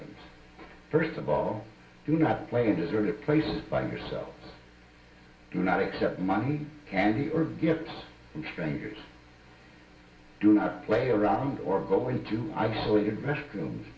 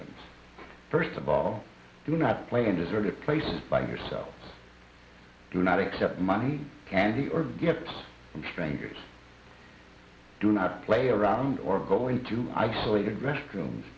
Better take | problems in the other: second | room echo; dies away in 0.2 s

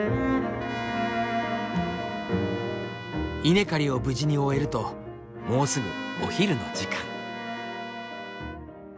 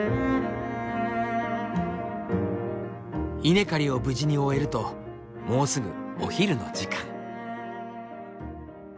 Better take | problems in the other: second | background sound (Trumpet); 13 dB below the speech

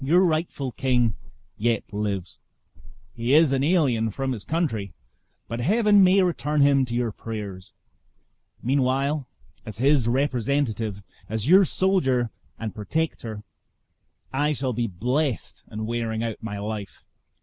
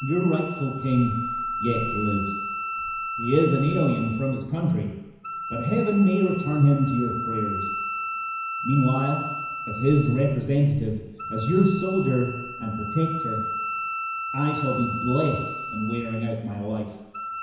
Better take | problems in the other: first | background sound (Wind instrument, woodwind instrument); 7 dB below the speech // room echo; dies away in 1 s

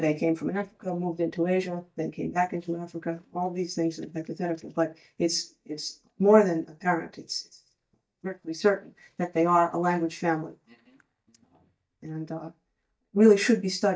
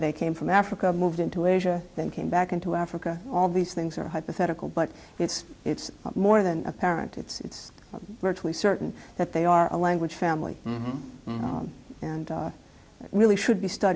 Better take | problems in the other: second | noise reduction (neural mask model DeepFilterNet 3)

